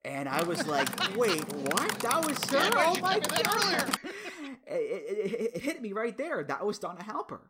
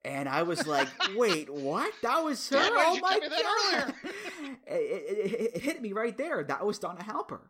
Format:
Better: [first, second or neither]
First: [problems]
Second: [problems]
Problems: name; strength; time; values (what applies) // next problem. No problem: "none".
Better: second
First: keyboard typing; loud; until 4 s; peak level with the speech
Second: none